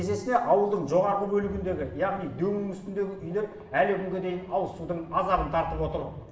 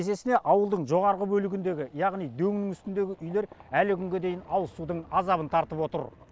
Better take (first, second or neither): second